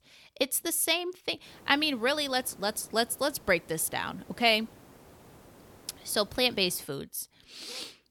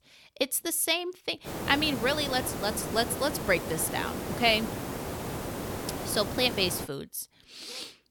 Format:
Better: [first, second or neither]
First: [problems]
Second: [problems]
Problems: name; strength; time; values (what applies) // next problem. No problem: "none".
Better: first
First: hiss; faint; from 1.5 to 7 s; 25 dB below the speech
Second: hiss; loud; from 1.5 to 7 s; 7 dB below the speech